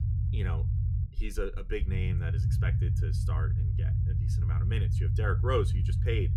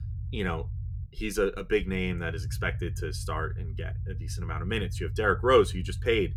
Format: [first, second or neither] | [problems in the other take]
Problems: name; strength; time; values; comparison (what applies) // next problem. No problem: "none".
second | low rumble; loud; throughout; 6 dB below the speech; faint in the second